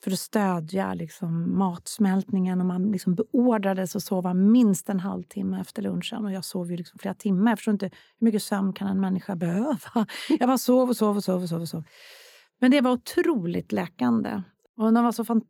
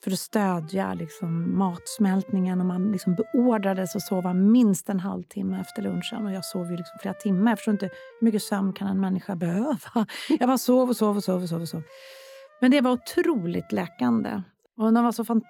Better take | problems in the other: first | background music; faint; throughout; 25 dB below the speech

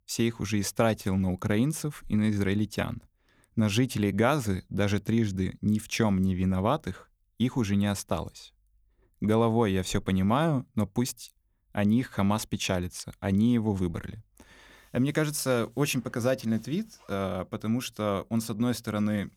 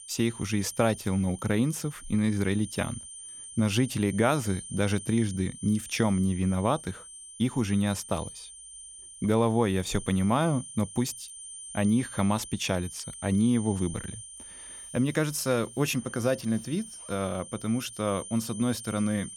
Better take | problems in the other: first | high-pitched whine; noticeable; throughout; 9 kHz, 15 dB below the speech

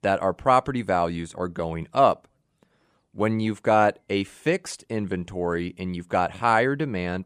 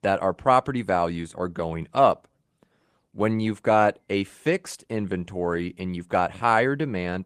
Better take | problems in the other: first | garbled, watery; slightly

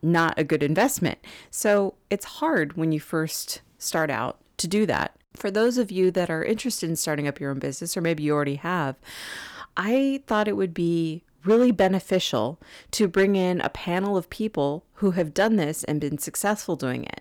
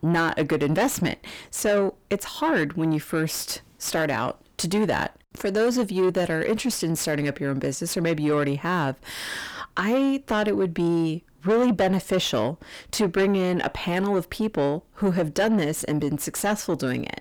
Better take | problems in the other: first | distortion; slight; 10 dB below the speech

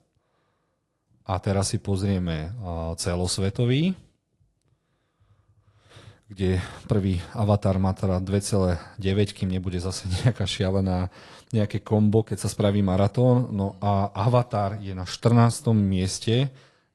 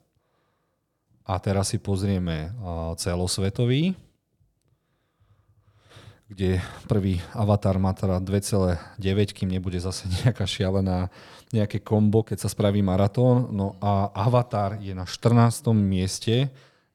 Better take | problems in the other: second | garbled, watery; slightly; nothing above 11 kHz

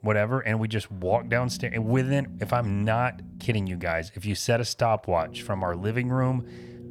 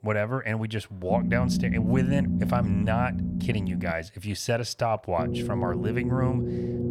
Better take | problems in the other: first | low rumble; loud; from 1 to 4 s and from 5 s on; 5 dB below the speech; faint in the first

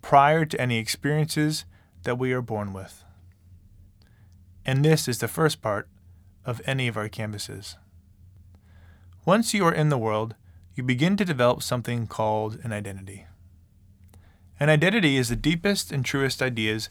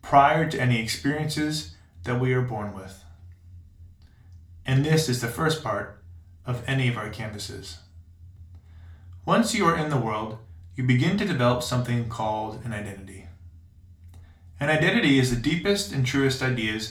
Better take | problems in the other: first | room echo; slight; dies away in 0.3 s // off-mic speech; far

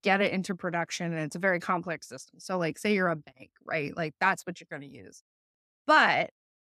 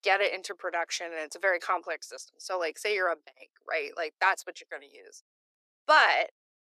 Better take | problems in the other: first | thin; very; fading below 400 Hz

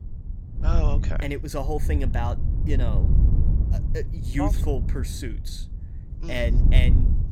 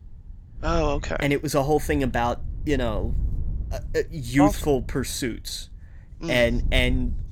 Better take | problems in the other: second | wind noise on the microphone; heavy; 7 dB below the speech; occasional gusts in the second

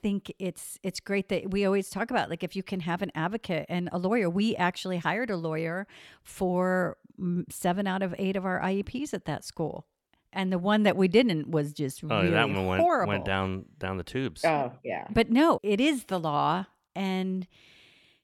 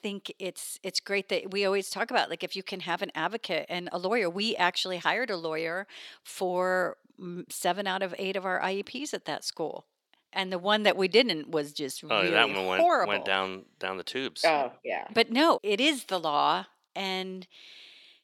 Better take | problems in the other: first | thin; somewhat; fading below 350 Hz

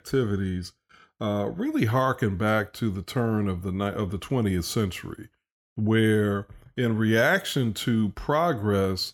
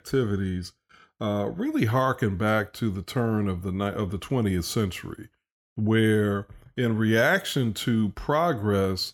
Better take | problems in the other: neither | none

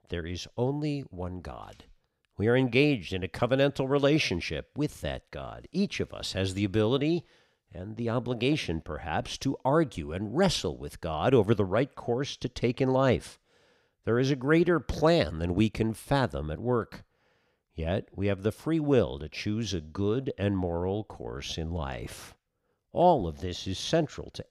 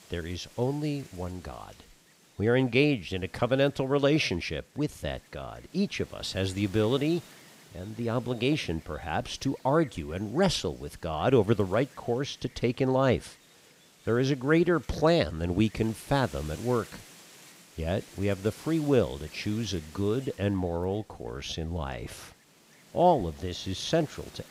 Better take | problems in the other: first | wind noise on the microphone; occasional gusts; 20 dB below the speech

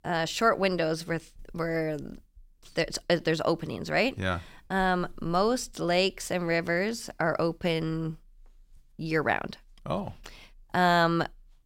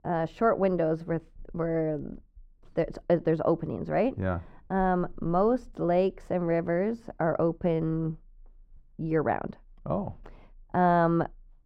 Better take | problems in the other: first | muffled; very; fading above 2 kHz

